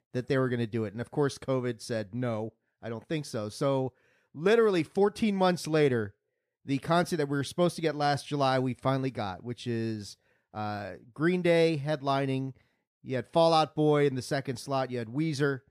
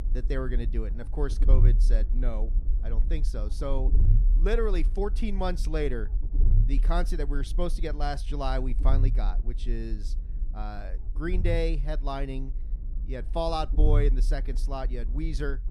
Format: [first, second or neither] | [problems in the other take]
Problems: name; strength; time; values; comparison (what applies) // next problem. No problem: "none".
first | low rumble; noticeable; throughout; 15 dB below the speech